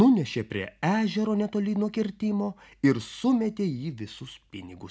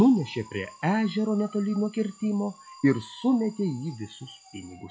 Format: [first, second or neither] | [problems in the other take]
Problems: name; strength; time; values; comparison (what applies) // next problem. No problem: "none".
first | noise reduction (classical method log-MMSE)